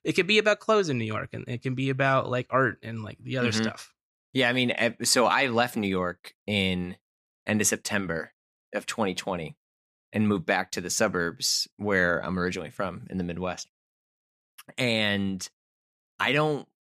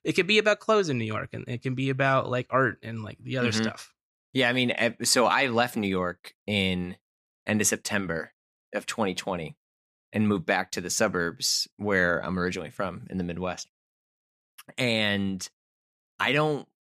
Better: neither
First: none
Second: none

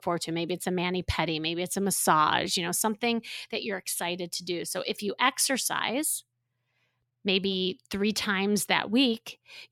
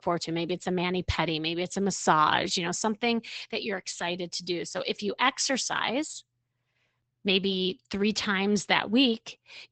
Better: first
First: none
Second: garbled, watery; badly; nothing above 8 kHz

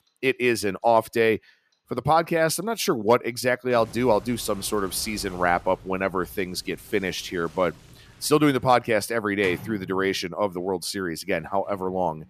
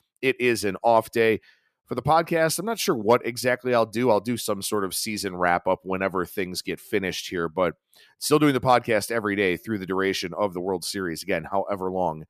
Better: second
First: household noises; faint; throughout; 20 dB below the speech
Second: none

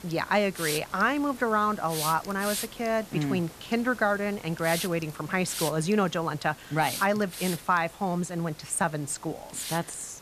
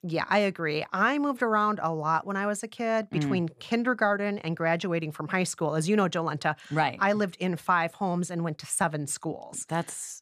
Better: second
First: hiss; loud; throughout; 9 dB below the speech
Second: none

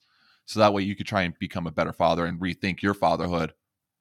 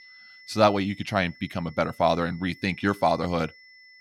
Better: first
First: none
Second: high-pitched whine; faint; throughout; 2 kHz, 25 dB below the speech

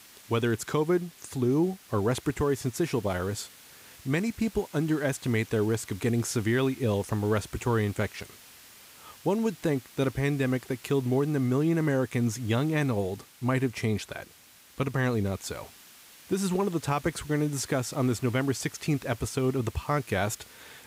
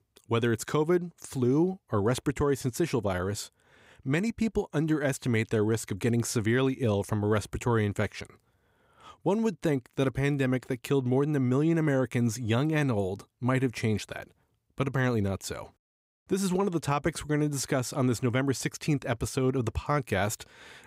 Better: second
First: hiss; faint; throughout; 20 dB below the speech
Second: none

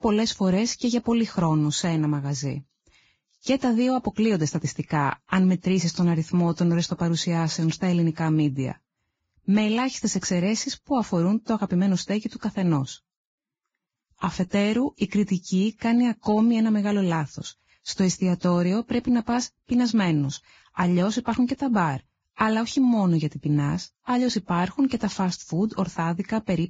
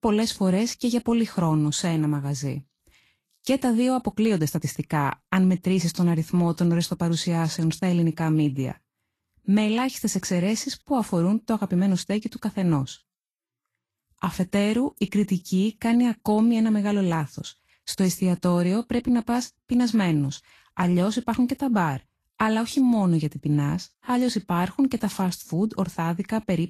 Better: second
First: garbled, watery; badly; nothing above 7.5 kHz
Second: garbled, watery; slightly; nothing above 13 kHz

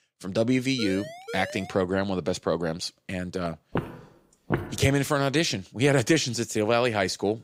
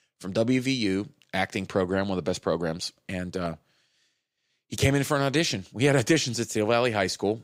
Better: second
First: siren; faint; at 1 s; peak 10 dB below the speech // footsteps; noticeable; at 4 s; peak 5 dB below the speech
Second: none

